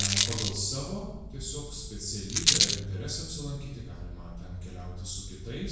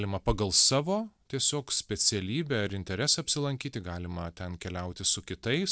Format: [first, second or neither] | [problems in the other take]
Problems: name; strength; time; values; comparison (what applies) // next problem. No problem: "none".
second | background sound (Rattle); 3 dB above the speech // room echo; dies away in 1 s